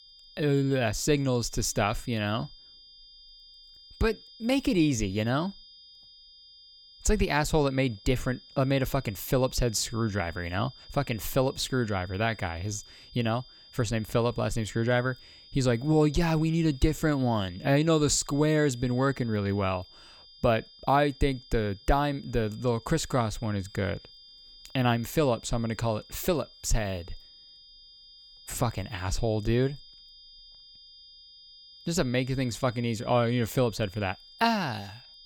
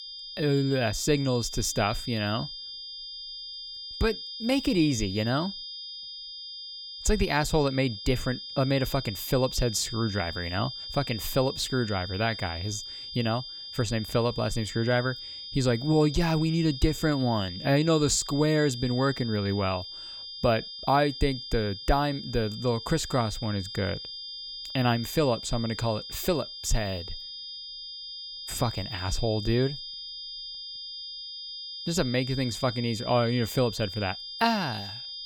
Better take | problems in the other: first | high-pitched whine; loud; throughout; 5 kHz, 9 dB below the speech; faint in the first

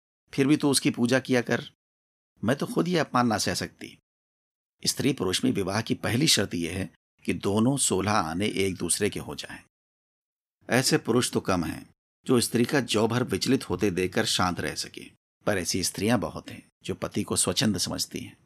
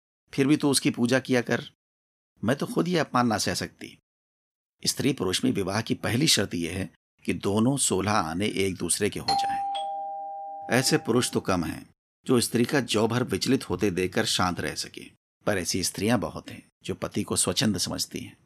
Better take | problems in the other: first | doorbell; noticeable; from 9.5 to 11 s; peak level with the speech

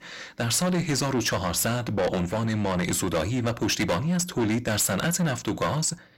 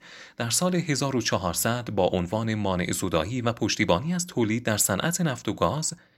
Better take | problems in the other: second | distortion; heavy; 6 dB below the speech

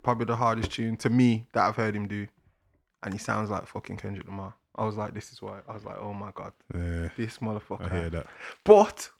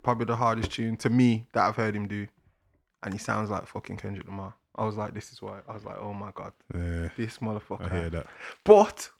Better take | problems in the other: neither | household noises; noticeable; throughout; 15 dB below the speech; the same in both

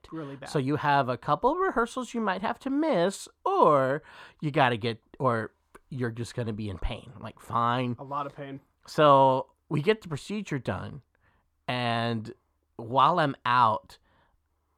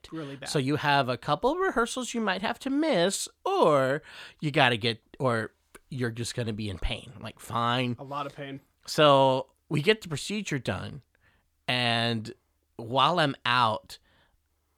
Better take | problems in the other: second | muffled; slightly; fading above 2 kHz

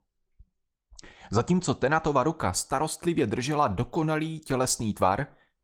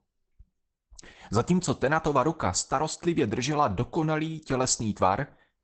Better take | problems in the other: first | garbled, watery; badly; nothing above 8 kHz; slightly in the first

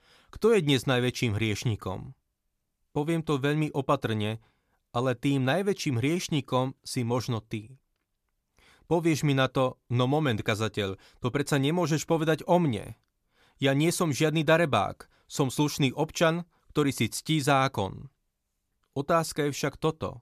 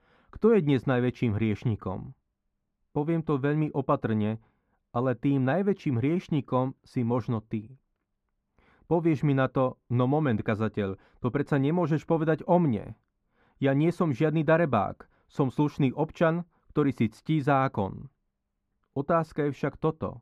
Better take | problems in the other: first | muffled; very; fading above 3 kHz

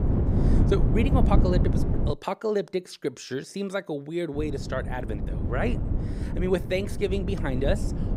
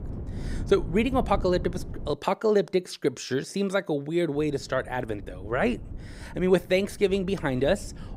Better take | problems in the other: second | wind noise on the microphone; heavy; until 2 s and from 4.5 s on; 6 dB below the speech; occasional gusts in the second

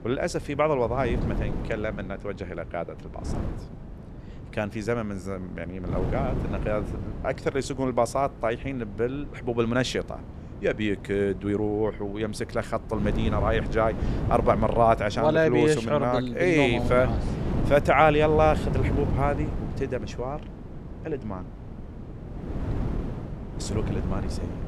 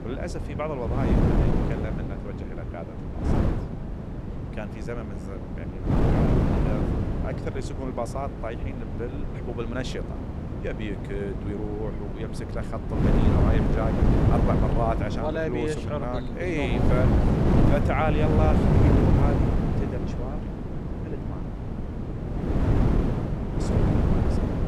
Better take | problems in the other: first | wind noise on the microphone; heavy; as loud as the speech; occasional gusts in the first

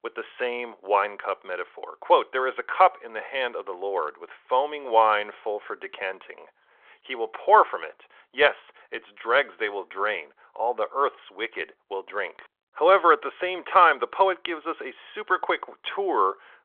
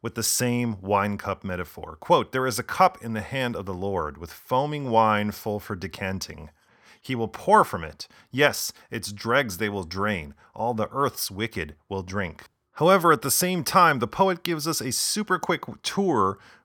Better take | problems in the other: second | phone-call audio; nothing above 3.5 kHz

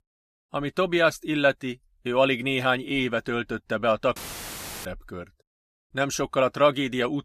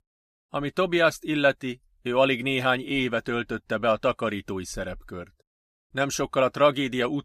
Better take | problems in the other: second | audio cutting out; filled with static; at 4 s for 0.5 s

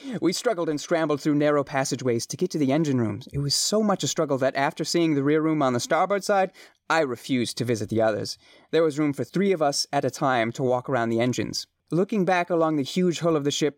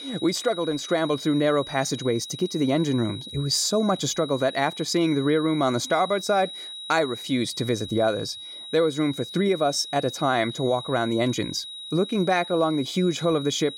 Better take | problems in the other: first | high-pitched whine; noticeable; throughout; 4 kHz, 10 dB below the speech

